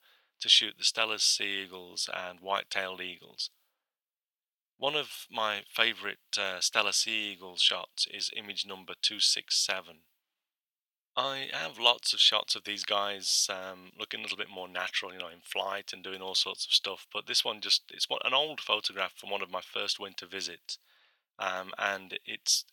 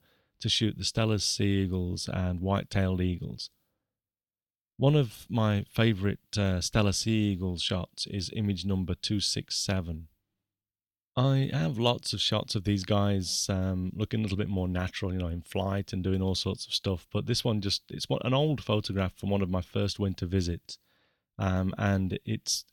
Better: second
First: thin; very; fading below 900 Hz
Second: none

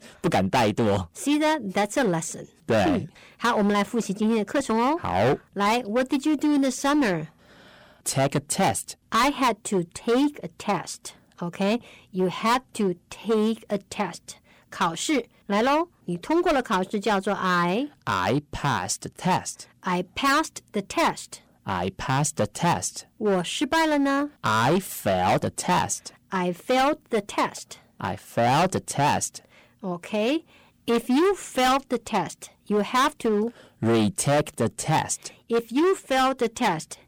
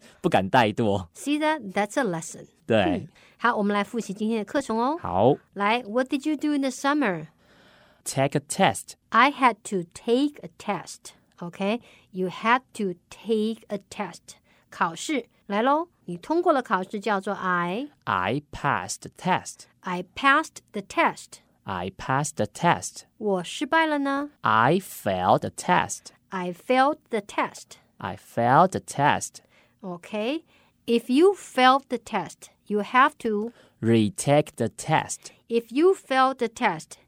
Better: second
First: distortion; heavy; 12% of the sound clipped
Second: none

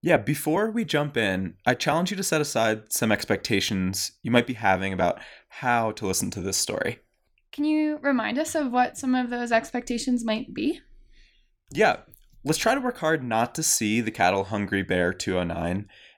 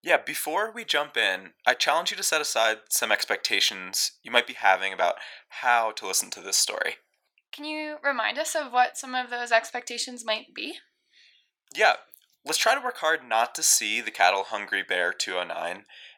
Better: first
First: none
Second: thin; very; fading below 850 Hz

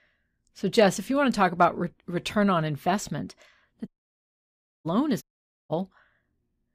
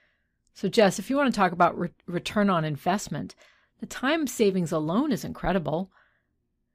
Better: second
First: audio cutting out; at 4 s for 1 s and at 5 s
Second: none

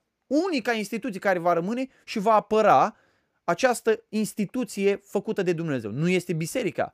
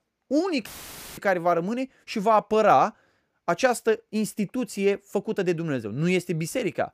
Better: first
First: none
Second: audio cutting out; filled with static; at 0.5 s for 0.5 s

